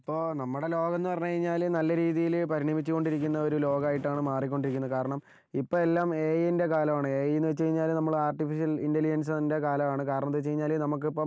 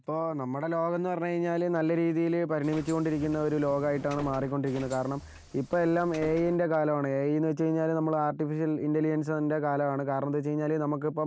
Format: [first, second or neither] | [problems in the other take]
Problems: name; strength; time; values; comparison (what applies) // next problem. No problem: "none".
first | background sound (Bus); 18 dB below the speech